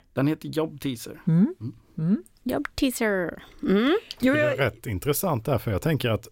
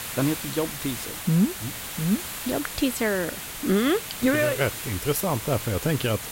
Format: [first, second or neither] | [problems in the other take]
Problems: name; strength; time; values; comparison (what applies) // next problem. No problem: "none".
first | hiss; loud; throughout; 6 dB below the speech